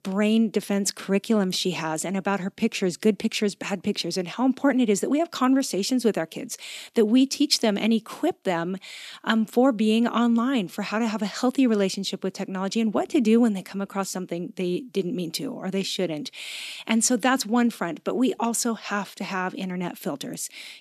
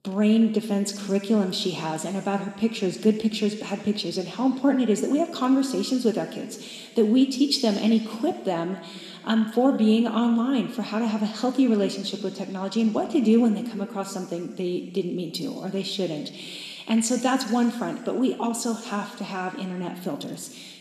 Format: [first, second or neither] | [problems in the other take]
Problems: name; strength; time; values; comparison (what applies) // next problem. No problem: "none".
first | room echo; slight; dies away in 1.9 s